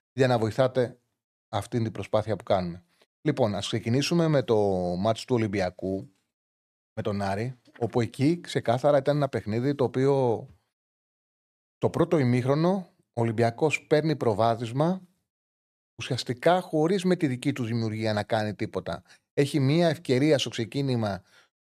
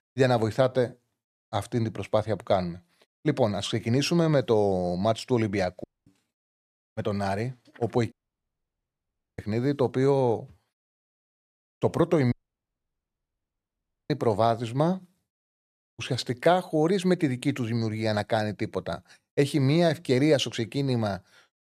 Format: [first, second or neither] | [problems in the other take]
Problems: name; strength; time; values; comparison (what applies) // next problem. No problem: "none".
first | audio cutting out; at 6 s, at 8 s for 1.5 s and at 12 s for 2 s